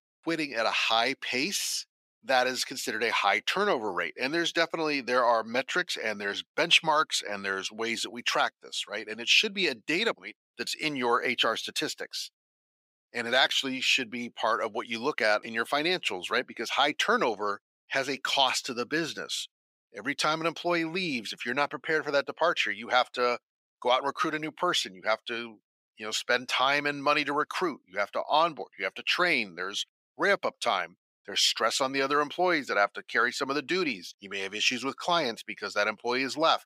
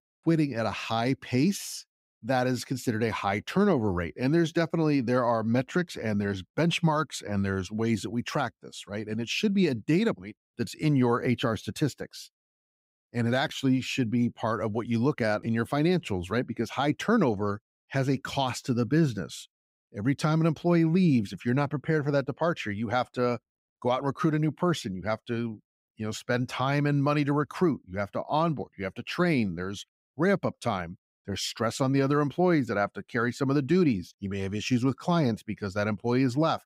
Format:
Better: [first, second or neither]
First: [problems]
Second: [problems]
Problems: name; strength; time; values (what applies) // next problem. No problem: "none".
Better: second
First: thin; very; fading below 550 Hz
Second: none